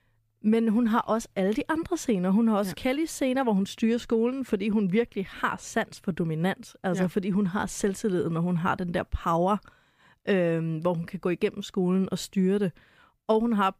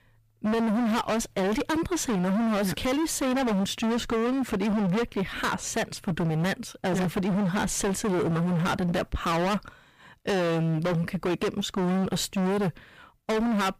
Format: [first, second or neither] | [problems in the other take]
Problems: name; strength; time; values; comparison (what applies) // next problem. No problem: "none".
first | distortion; heavy; 37% of the sound clipped